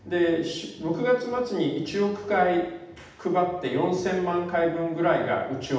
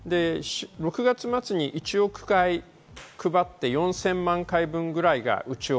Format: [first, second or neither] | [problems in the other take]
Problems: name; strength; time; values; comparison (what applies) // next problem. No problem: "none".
second | room echo; dies away in 0.8 s